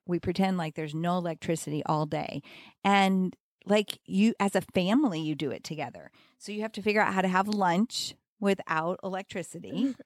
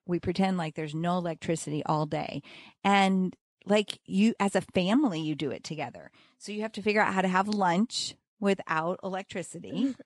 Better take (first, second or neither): first